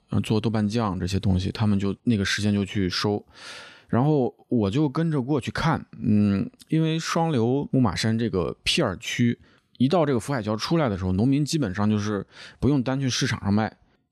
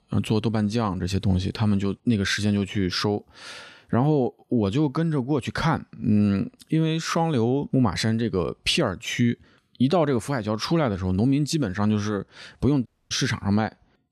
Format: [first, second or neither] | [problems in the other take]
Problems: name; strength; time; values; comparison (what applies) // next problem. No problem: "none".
first | audio cutting out; at 13 s